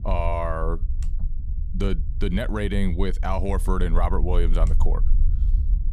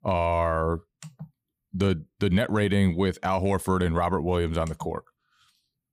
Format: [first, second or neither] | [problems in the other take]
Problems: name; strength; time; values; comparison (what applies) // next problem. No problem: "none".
second | low rumble; noticeable; throughout; 20 dB below the speech